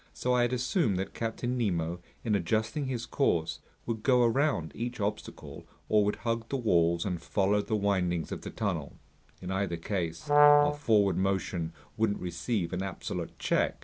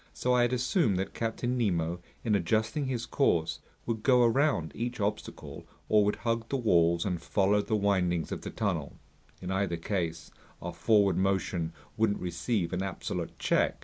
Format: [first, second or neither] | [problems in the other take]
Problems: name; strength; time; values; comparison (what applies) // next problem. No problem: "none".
second | background sound (Brass instrument); 4 dB above the speech